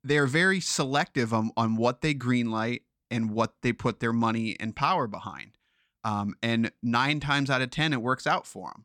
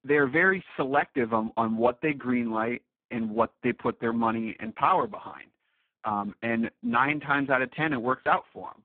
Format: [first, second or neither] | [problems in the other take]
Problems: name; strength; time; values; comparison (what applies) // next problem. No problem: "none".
first | phone-call audio; poor line